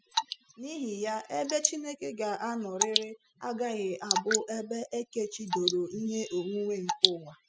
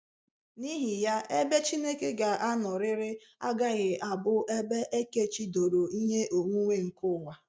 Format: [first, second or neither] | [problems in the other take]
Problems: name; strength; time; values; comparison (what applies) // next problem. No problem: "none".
second | noise reduction (classical method spectral subtraction)